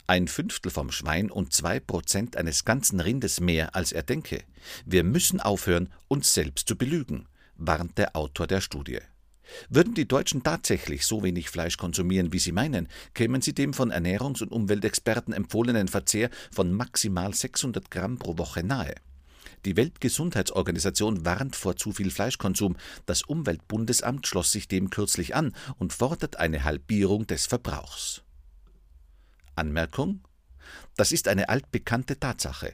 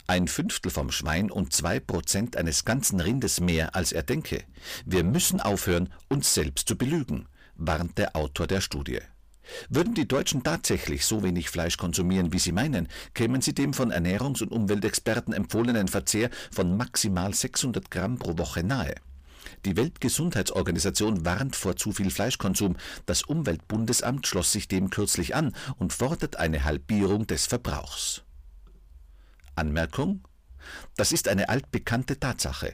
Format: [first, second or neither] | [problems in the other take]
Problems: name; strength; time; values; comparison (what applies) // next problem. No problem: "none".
first | distortion; slight; 10 dB below the speech